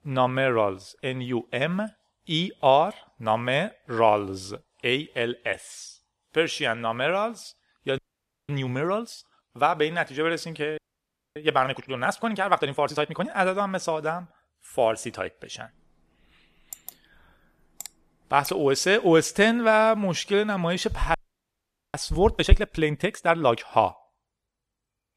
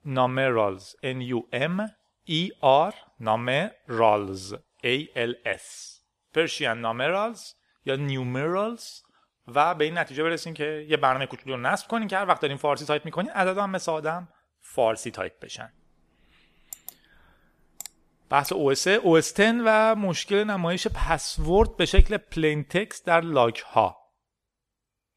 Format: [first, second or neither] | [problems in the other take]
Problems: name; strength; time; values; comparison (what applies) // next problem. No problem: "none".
second | audio freezing; at 8 s for 0.5 s, at 11 s for 0.5 s and at 21 s for 1 s